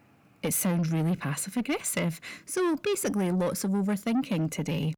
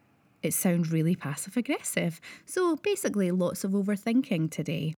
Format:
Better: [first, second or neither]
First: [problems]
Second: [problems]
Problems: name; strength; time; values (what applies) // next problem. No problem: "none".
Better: second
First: distortion; slight; 10 dB below the speech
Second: none